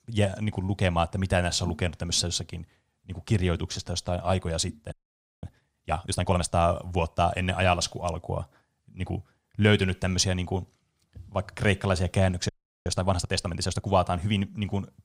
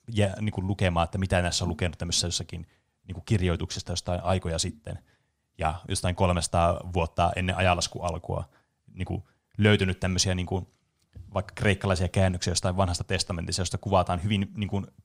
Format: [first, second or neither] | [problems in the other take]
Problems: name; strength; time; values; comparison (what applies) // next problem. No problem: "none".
second | audio freezing; at 5 s for 0.5 s and at 12 s